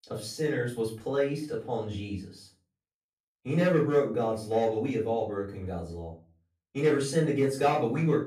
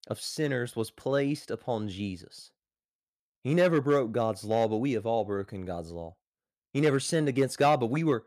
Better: second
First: off-mic speech; far // room echo; slight; dies away in 0.3 s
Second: none

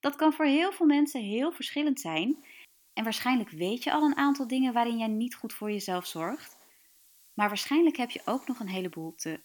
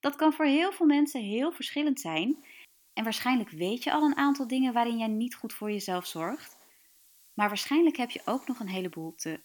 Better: neither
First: hiss; faint; from 2.5 s on; 25 dB below the speech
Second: hiss; faint; from 2.5 s on; 25 dB below the speech

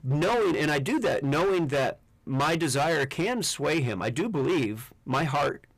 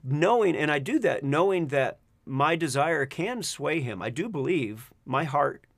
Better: second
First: distortion; heavy; 22% of the sound clipped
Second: none

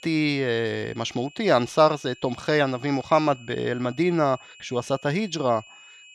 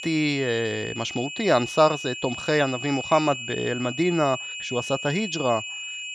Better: first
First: high-pitched whine; faint; throughout; 2.5 kHz, 25 dB below the speech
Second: high-pitched whine; loud; throughout; 2.5 kHz, 8 dB below the speech

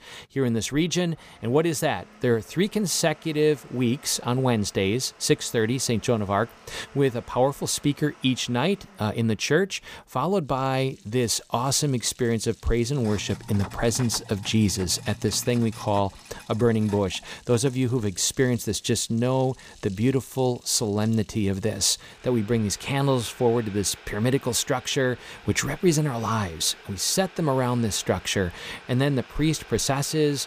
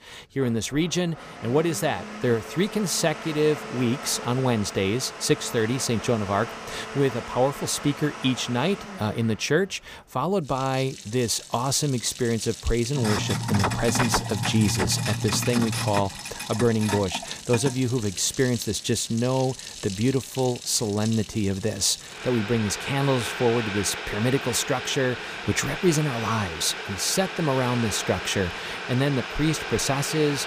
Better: first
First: household noises; faint; throughout; 20 dB below the speech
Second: household noises; loud; throughout; 7 dB below the speech

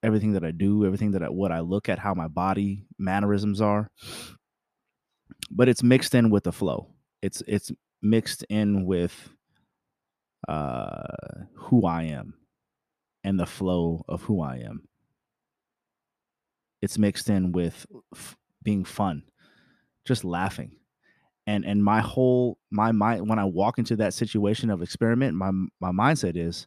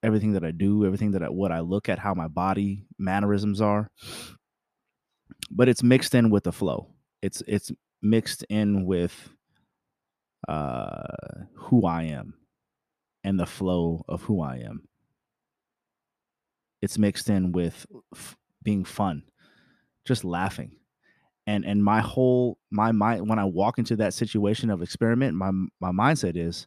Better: neither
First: none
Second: none

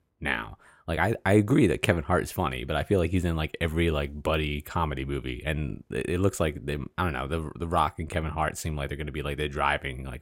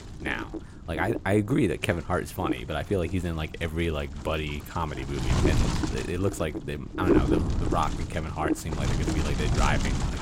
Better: first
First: none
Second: wind noise on the microphone; heavy; 3 dB below the speech

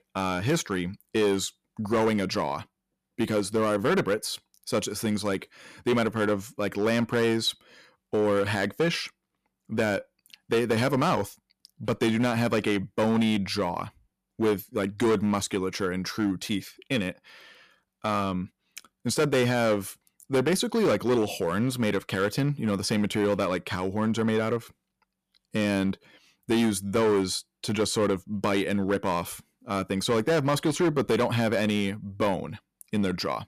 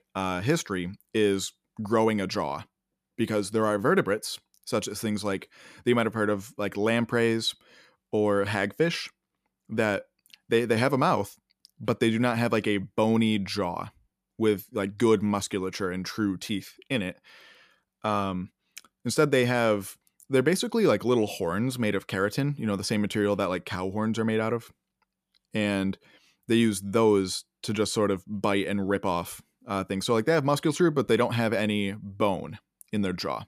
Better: second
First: distortion; slight; 7% of the sound clipped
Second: none

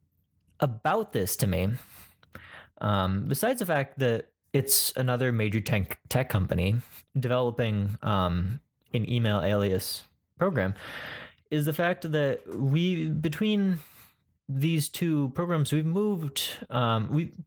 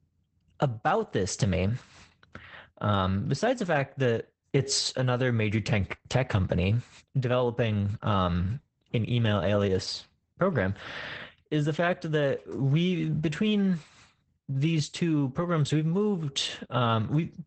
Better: first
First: garbled, watery; slightly; nothing above 19 kHz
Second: garbled, watery; badly; nothing above 8 kHz

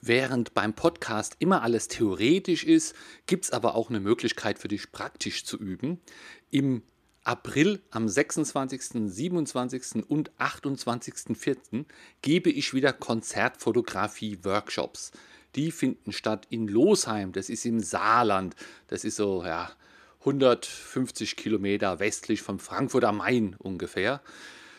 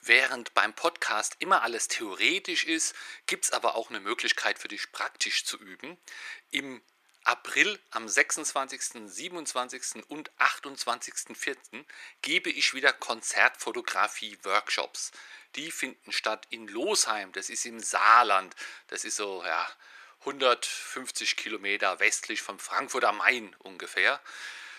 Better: first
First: none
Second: thin; very; fading below 800 Hz

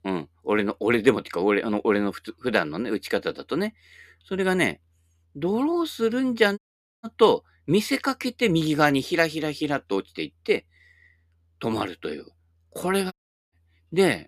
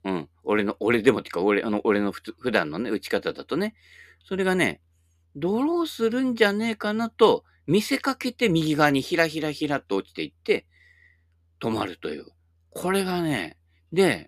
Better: second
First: audio cutting out; at 6.5 s and at 13 s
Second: none

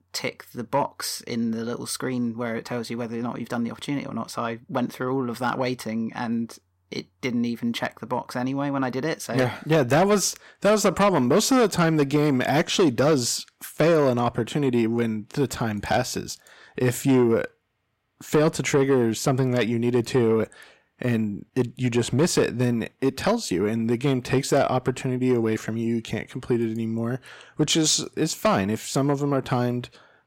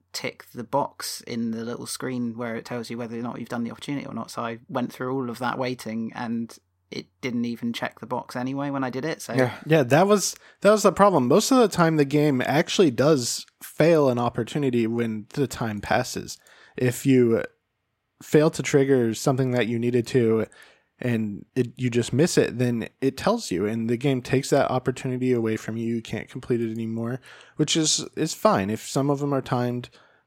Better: second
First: distortion; slight; 10 dB below the speech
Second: none

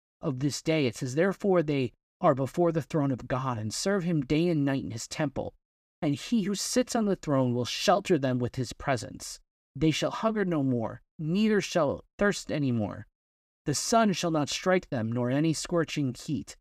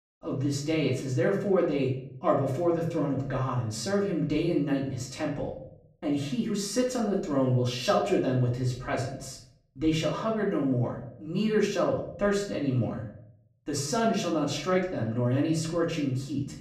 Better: first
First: none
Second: room echo; slight; dies away in 0.5 s // off-mic speech; far

